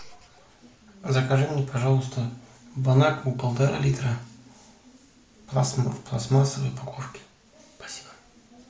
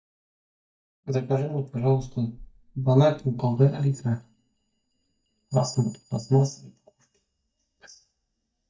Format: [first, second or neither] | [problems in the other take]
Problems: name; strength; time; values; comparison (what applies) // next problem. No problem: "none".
first | noise reduction (neural mask model DeepFilterNet 3)